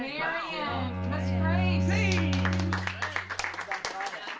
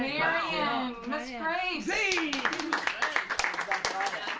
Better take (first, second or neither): second